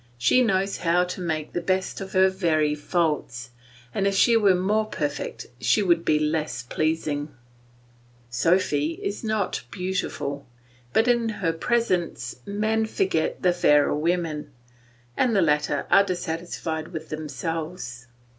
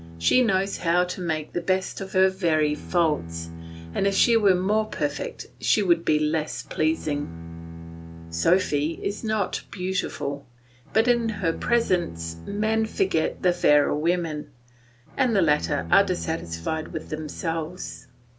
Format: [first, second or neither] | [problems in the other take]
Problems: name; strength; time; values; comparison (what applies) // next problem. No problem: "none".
first | background sound (Bowed string instrument); 15 dB below the speech